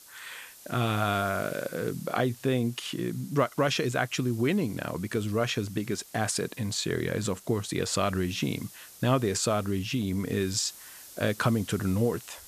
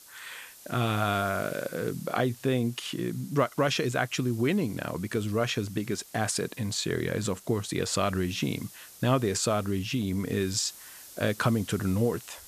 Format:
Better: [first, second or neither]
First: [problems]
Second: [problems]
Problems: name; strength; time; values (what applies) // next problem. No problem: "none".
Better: neither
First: hiss; noticeable; throughout; 20 dB below the speech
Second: hiss; noticeable; throughout; 20 dB below the speech